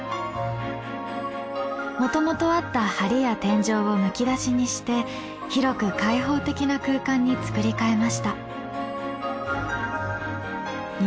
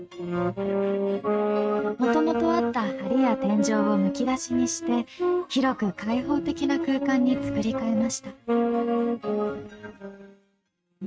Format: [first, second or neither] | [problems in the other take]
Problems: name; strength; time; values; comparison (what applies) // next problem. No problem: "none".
first | noise reduction (neural mask model RNNoise)